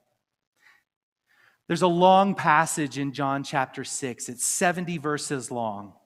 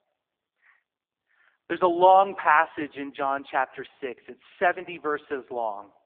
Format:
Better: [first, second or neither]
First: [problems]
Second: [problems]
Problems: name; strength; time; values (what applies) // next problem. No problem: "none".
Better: first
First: none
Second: phone-call audio; poor line